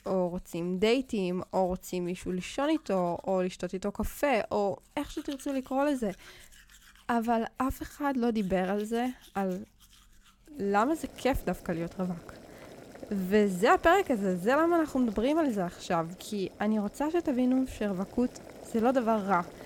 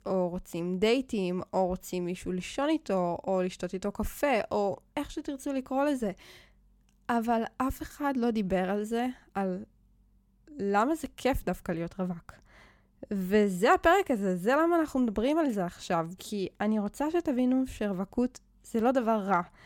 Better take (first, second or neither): second